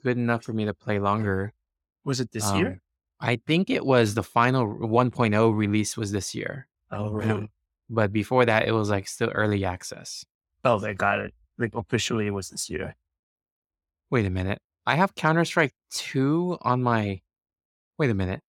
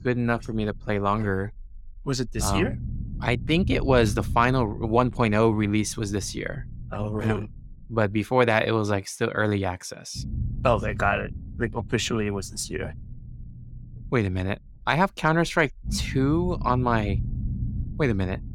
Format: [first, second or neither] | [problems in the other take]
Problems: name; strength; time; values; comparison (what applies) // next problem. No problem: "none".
first | low rumble; faint; until 8.5 s and from 10 s on; 20 dB below the speech